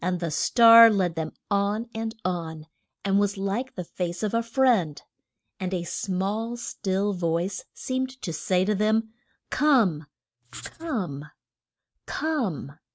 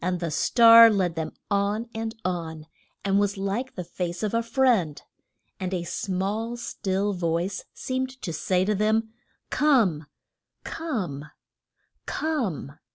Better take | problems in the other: second | noise reduction (neural mask model RNNoise)

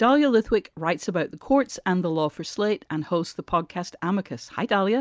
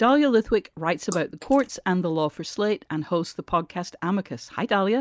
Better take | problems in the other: first | noise reduction (neural mask model Resemble Enhance denoiser)

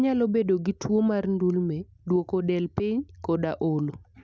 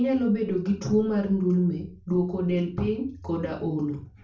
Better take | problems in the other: first | room echo; dies away in 0.3 s

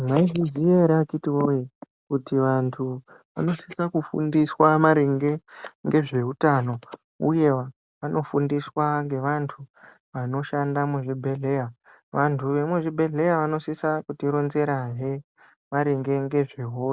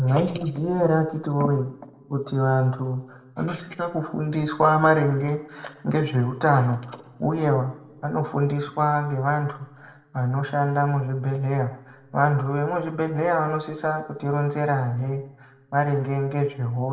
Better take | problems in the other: first | room echo; dies away in 0.9 s

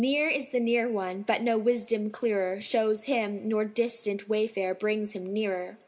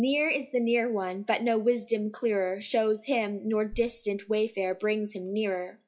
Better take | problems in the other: first | noise reduction (classical method log-MMSE)

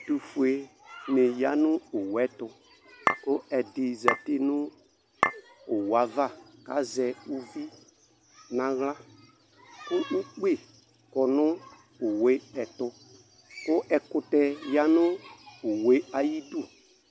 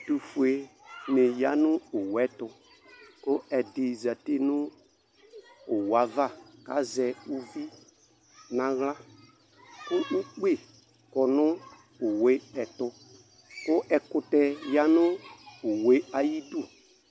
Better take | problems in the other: second | background sound (Chink, clink); as loud as the speech

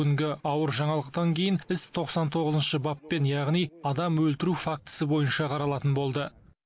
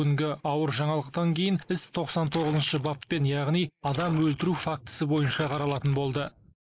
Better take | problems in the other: first | noise reduction (neural mask model Resemble Enhance denoiser)

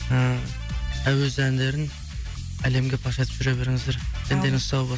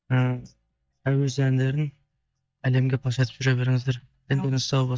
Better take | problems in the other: first | noise reduction (neural mask model DeepFilterNet 3)

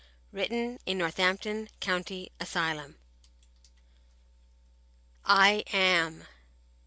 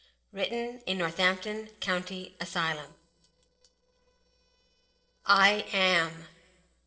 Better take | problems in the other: first | noise reduction (neural separator model SepFormer DNS4)

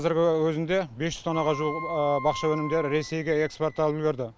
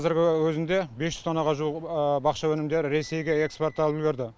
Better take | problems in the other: second | background sound (Wind instrument, woodwind instrument); 11 dB below the speech

